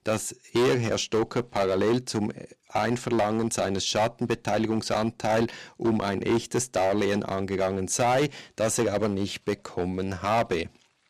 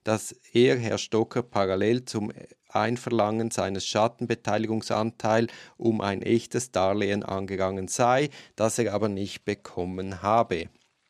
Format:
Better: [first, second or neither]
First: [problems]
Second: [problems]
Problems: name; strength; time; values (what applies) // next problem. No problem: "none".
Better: second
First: distortion; heavy; 9% of the sound clipped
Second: none